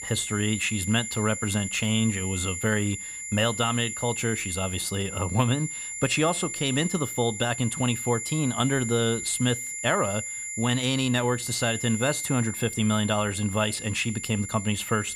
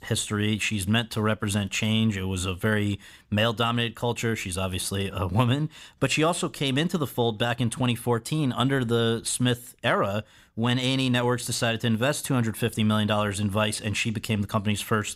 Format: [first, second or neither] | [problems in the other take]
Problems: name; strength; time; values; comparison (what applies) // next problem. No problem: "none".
second | high-pitched whine; loud; throughout; 7 kHz, 6 dB below the speech